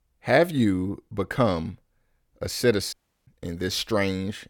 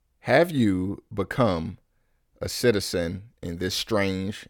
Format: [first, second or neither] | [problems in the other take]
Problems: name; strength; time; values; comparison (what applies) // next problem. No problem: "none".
second | audio cutting out; at 3 s